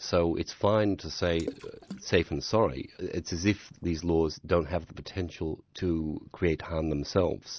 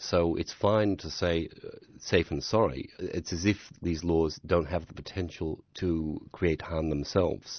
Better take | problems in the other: second | background sound (Water / Splash, splatter); 18 dB below the speech

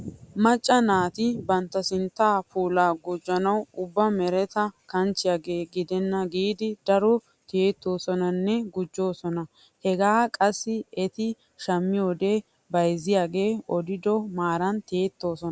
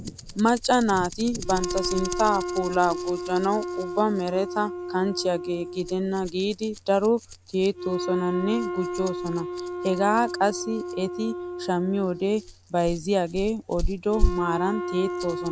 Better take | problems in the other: first | background sound (Wind instrument, woodwind instrument + Rattle); 5 dB below the speech

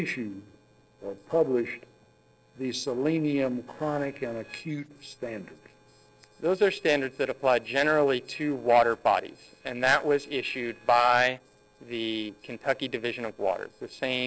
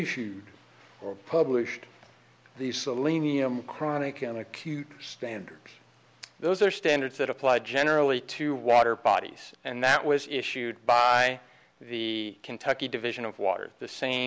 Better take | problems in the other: second | noise reduction (neural separator model SepFormer DNS4)

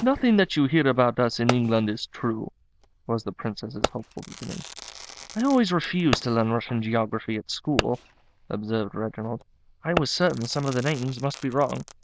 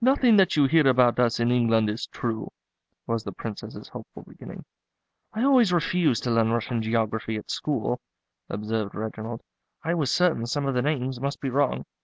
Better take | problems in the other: second | noise reduction (neural diffusion model UNIVERSE++)

